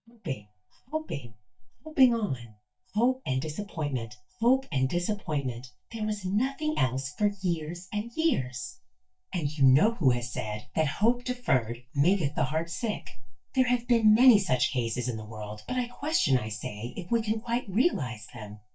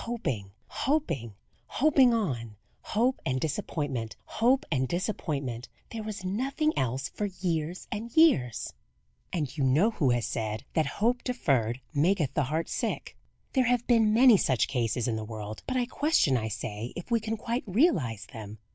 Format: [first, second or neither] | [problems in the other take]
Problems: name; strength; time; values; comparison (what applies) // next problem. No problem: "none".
second | noise reduction (neural mask model DeepFilterNet 3)